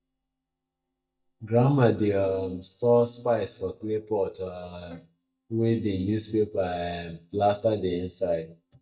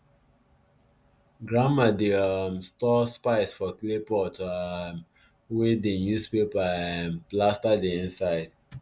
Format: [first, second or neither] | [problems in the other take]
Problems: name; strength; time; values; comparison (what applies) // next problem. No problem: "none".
second | noise reduction (neural mask model DeepFilterNet 3)